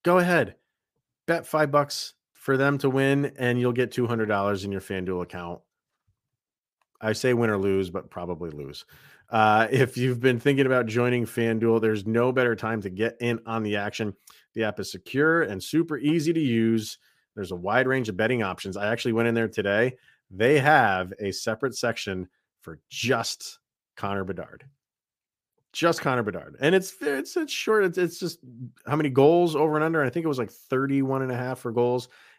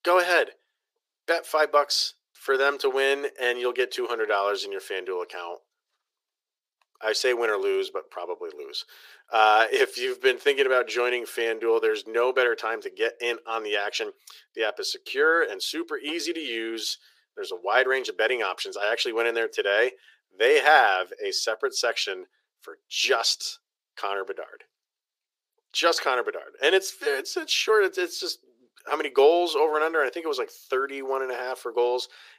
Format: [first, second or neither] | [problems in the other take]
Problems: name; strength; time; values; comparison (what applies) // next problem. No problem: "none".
first | thin; very; fading below 400 Hz